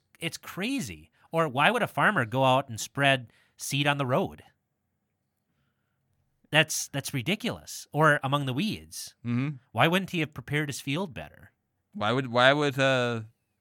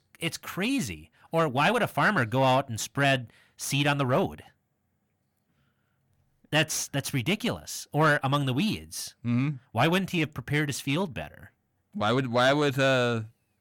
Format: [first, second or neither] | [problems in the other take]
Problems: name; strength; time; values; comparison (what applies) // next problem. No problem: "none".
first | distortion; slight; 10 dB below the speech